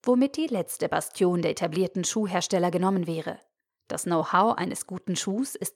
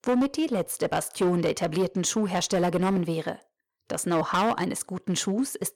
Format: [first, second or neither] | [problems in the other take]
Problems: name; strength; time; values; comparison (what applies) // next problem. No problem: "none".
first | distortion; slight; 8% of the sound clipped